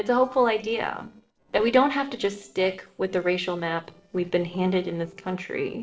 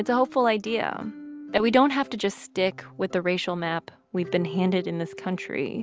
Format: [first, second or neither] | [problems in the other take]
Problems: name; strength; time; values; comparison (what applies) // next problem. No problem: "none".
second | noise reduction (neural separator model SepFormer DNS4)